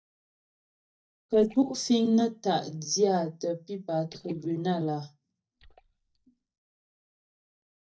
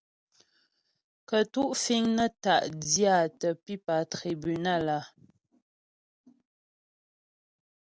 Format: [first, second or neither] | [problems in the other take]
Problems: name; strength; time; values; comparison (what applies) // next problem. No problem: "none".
second | noise reduction (neural mask model DeepFilterNet 3)